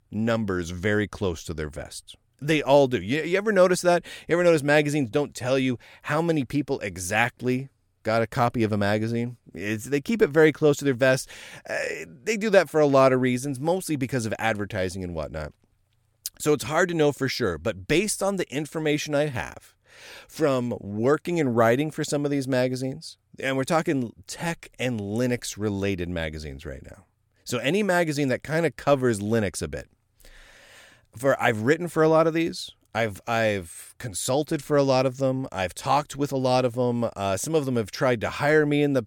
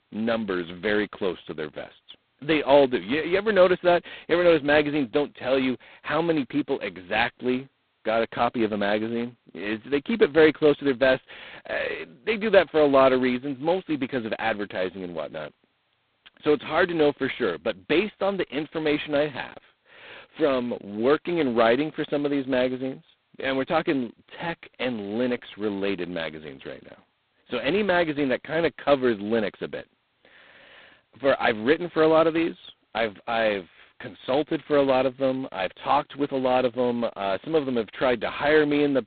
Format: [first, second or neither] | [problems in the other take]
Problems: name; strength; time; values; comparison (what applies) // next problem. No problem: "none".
first | phone-call audio; poor line; nothing above 4 kHz